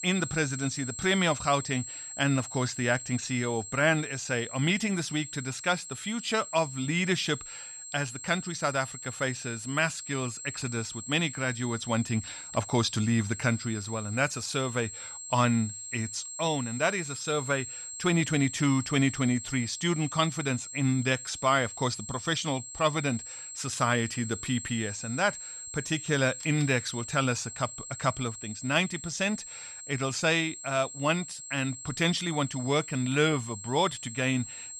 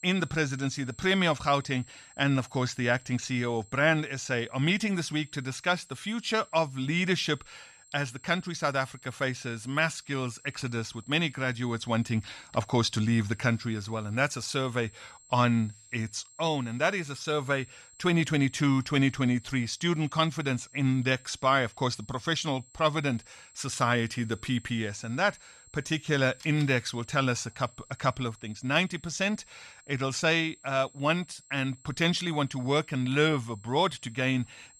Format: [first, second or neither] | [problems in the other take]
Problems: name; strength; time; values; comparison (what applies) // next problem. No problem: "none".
second | high-pitched whine; loud; throughout; 7.5 kHz, 10 dB below the speech; faint in the second